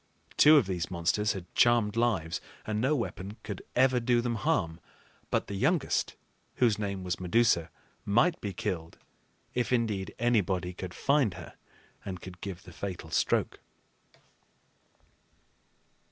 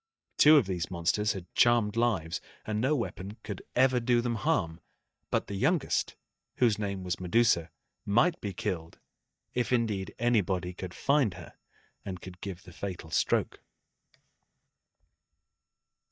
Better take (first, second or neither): first